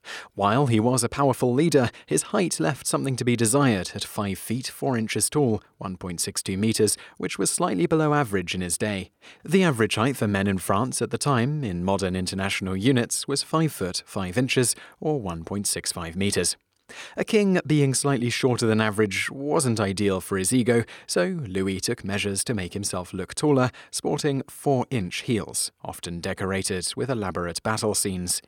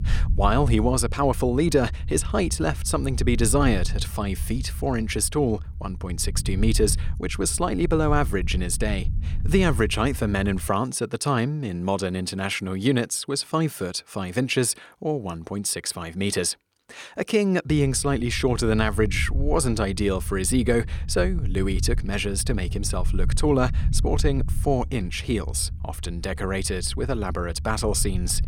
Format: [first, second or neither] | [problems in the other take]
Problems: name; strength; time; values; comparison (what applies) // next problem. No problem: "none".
first | low rumble; faint; until 11 s and from 18 s on; 20 dB below the speech